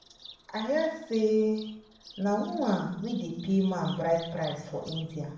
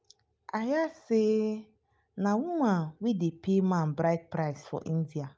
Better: second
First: background sound (Bird vocalization, bird call, bird song); 20 dB below the speech // room echo; dies away in 0.7 s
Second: none

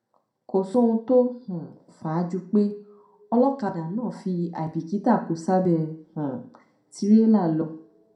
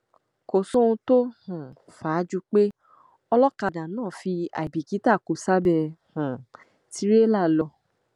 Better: second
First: room echo; dies away in 0.4 s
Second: none

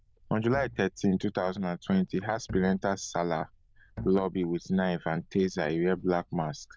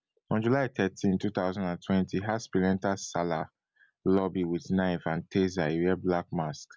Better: second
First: noise reduction (neural diffusion model UNIVERSE++)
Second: none

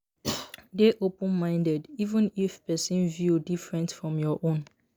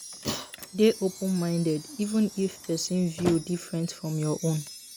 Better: first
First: none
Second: background sound (Wind chime + Slam); 14 dB below the speech

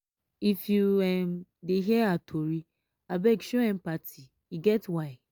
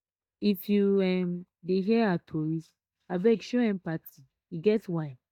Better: first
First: none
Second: noise reduction (neural mask model DeepFilterNet 3)

